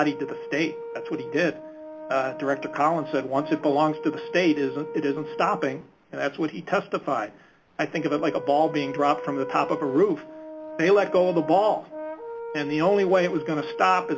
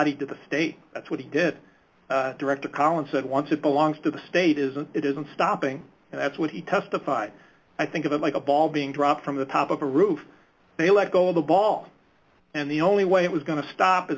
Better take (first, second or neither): second